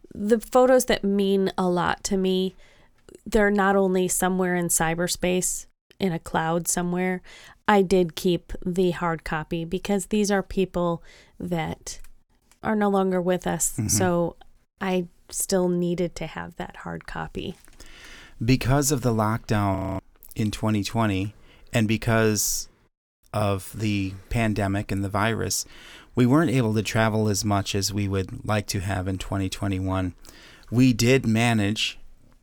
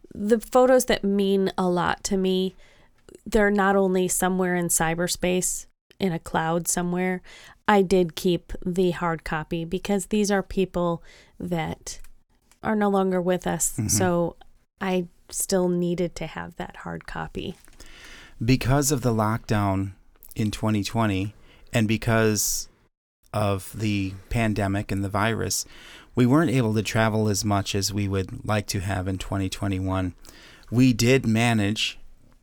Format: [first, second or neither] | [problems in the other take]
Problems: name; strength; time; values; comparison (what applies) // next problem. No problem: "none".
second | audio freezing; at 20 s